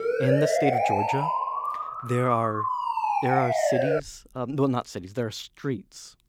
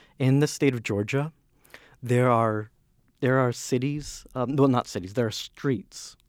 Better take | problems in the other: second | siren; loud; until 4 s; peak 5 dB above the speech

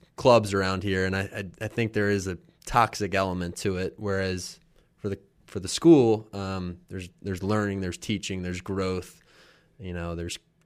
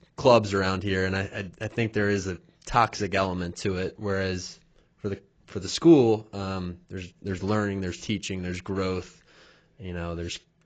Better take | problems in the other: first | garbled, watery; badly; nothing above 7.5 kHz

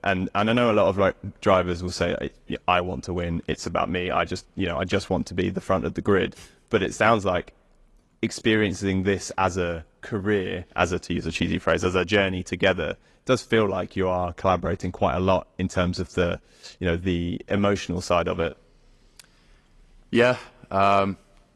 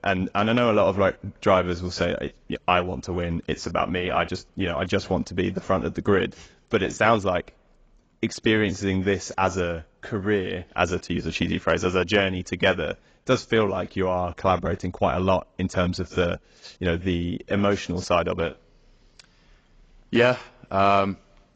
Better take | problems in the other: first | garbled, watery; badly; nothing above 7.5 kHz; slightly in the first

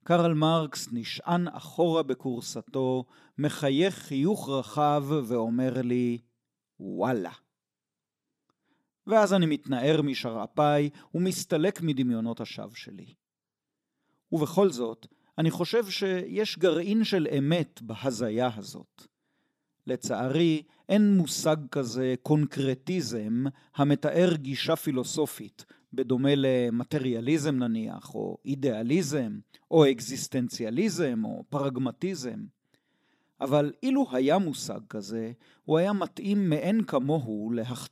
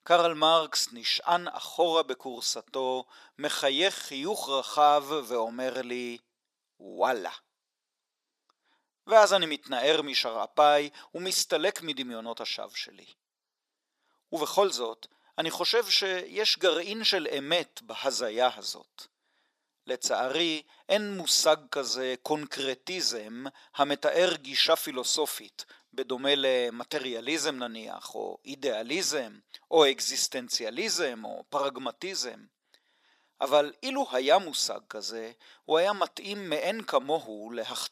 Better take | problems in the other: first | thin; very; fading below 700 Hz

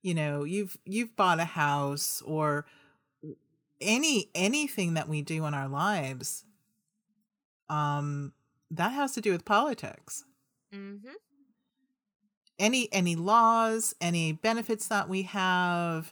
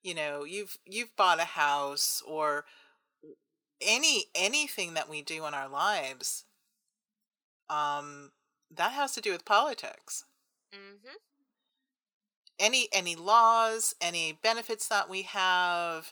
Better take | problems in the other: first | thin; very; fading below 600 Hz

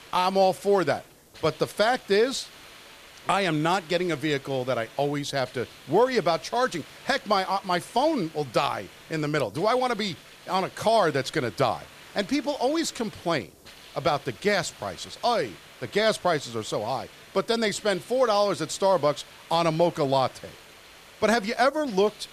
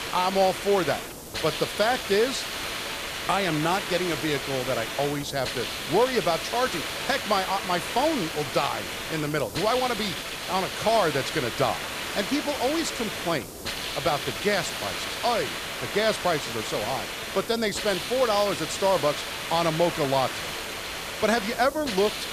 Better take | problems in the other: first | hiss; loud; throughout; 4 dB below the speech; faint in the first

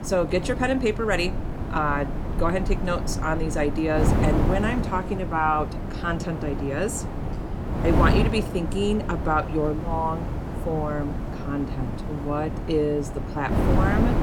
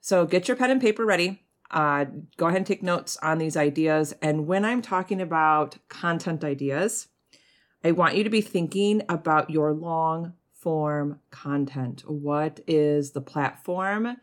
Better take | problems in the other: second | wind noise on the microphone; heavy; 7 dB below the speech

